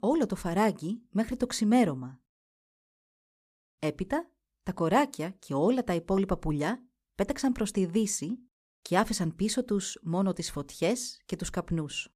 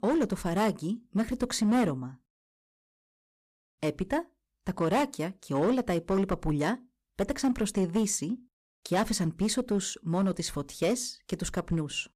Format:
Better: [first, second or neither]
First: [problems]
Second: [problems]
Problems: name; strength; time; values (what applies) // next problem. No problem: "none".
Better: first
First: none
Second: distortion; slight; 5% of the sound clipped